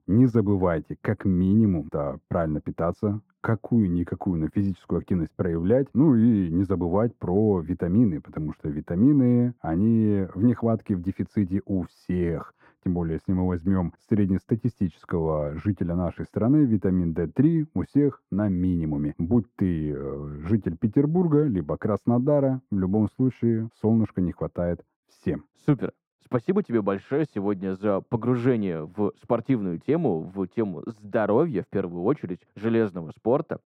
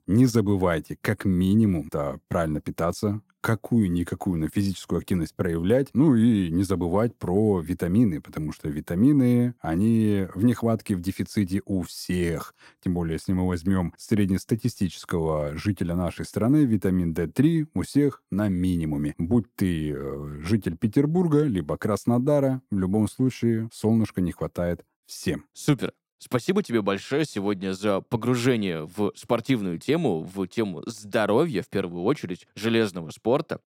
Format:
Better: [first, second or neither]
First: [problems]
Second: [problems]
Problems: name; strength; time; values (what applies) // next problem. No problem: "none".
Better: second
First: muffled; very; fading above 2.5 kHz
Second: none